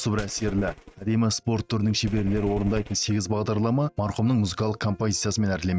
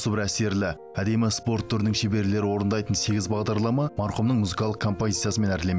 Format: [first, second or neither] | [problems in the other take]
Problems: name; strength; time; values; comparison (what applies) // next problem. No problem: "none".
second | noise reduction (neural mask model RNNoise)